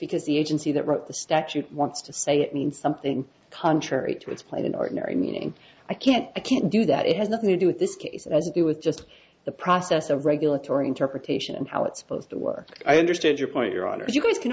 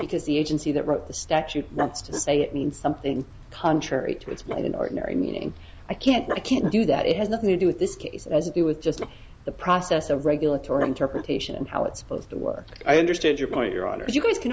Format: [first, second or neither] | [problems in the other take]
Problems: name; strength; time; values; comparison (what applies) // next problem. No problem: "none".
first | background sound (Dog); 14 dB below the speech